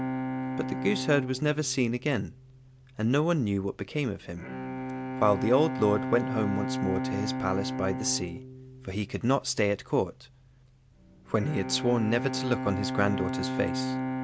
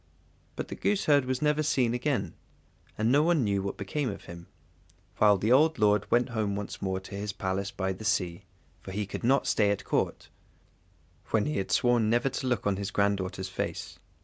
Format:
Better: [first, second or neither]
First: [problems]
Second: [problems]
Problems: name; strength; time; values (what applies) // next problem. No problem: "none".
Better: second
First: background sound (Bowed string instrument); 5 dB below the speech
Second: none